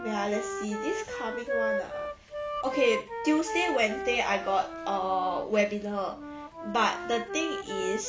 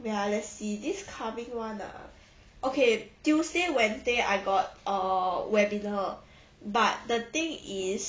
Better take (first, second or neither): second